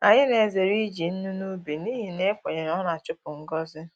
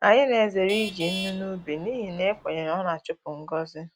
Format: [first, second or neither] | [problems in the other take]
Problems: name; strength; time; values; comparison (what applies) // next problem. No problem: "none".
first | background sound (Traffic noise, roadway noise / Vehicle horn, car horn, honking); 13 dB below the speech